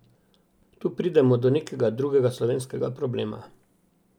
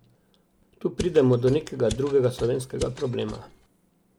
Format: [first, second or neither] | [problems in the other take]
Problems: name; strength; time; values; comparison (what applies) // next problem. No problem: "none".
first | background sound (Mechanisms); 14 dB below the speech